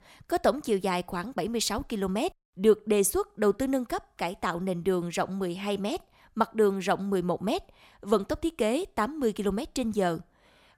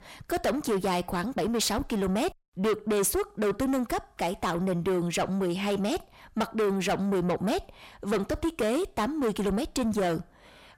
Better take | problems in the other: first | distortion; heavy; 6 dB below the speech

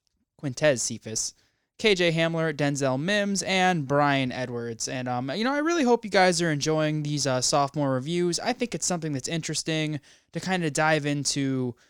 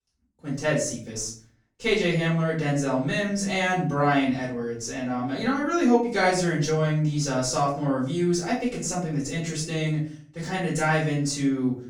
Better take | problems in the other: first | off-mic speech; far // room echo; noticeable; dies away in 0.4 s

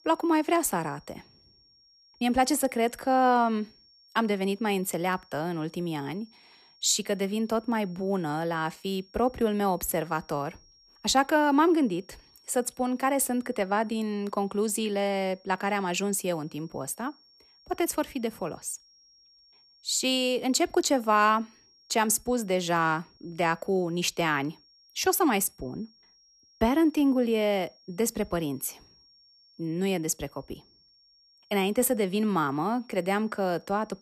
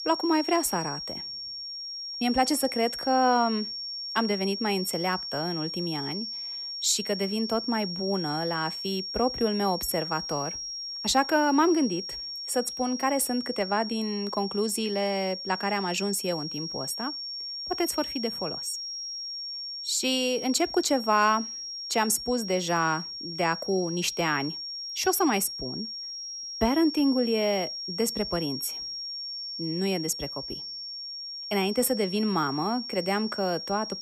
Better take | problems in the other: first | high-pitched whine; loud; throughout; 5.5 kHz, 6 dB below the speech; faint in the first

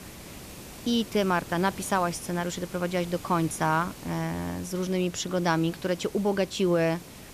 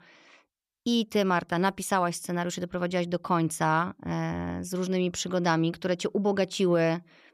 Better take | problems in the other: second | hiss; noticeable; throughout; 15 dB below the speech

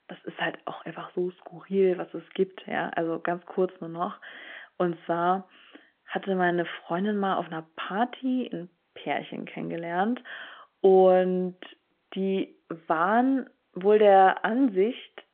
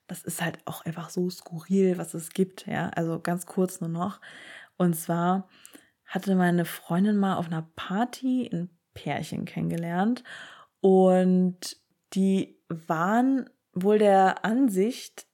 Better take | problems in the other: second | phone-call audio

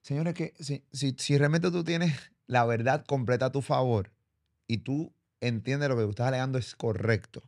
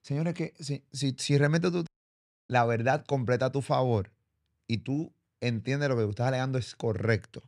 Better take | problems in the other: first | audio cutting out; at 2 s for 0.5 s

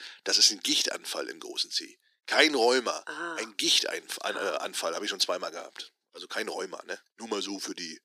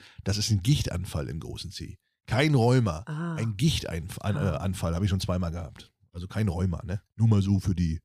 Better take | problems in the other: second | thin; very; fading below 300 Hz

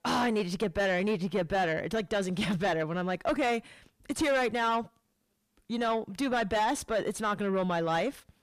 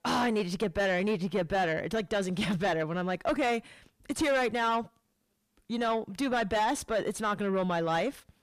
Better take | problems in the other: neither | distortion; heavy; 7 dB below the speech; the same in both

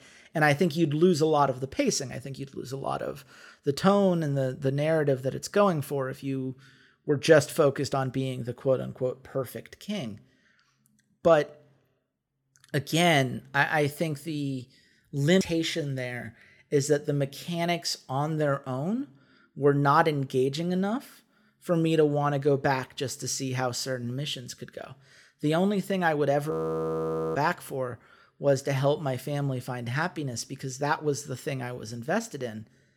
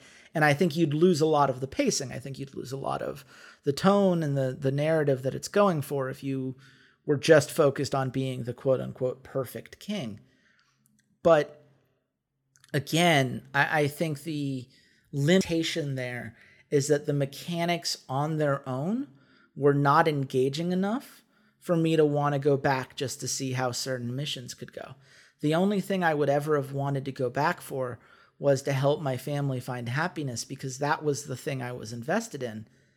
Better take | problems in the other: second | audio freezing; at 27 s for 1 s

